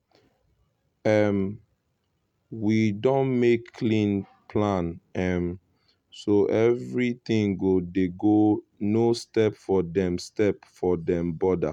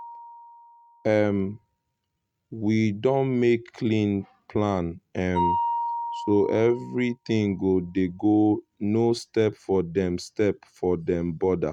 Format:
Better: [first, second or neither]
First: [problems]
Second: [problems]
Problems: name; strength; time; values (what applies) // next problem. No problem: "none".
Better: first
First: none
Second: noise reduction (neural mask model RNNoise)